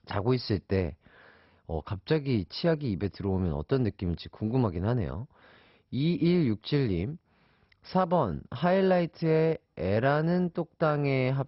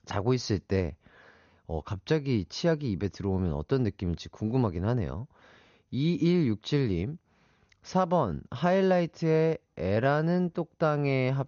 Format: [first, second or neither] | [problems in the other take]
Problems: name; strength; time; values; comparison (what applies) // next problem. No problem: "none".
second | garbled, watery; badly; nothing above 5.5 kHz; slightly in the second